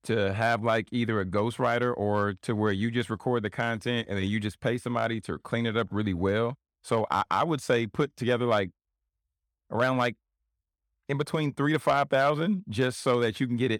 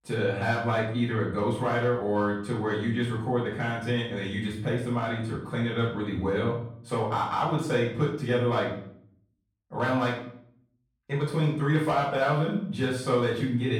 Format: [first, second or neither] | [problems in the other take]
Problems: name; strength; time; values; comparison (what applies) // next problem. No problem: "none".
first | off-mic speech; far // room echo; noticeable; dies away in 0.5 s